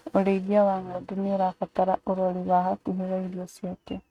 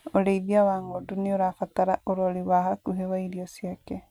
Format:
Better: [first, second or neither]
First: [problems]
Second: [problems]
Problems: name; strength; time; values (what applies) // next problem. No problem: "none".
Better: second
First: noise reduction (neural mask model RNNoise)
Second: none